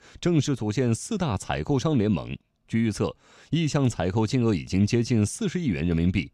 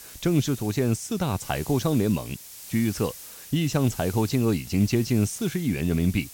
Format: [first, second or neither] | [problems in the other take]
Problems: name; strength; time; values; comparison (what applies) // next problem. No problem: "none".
first | hiss; noticeable; throughout; 15 dB below the speech